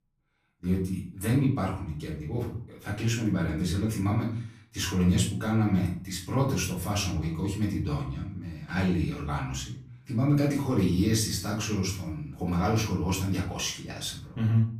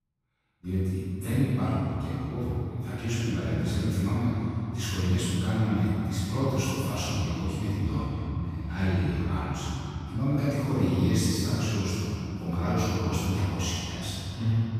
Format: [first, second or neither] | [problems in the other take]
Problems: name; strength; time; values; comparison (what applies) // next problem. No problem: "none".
first | room echo; strong; dies away in 3 s; slight in the first // off-mic speech; far; far in the first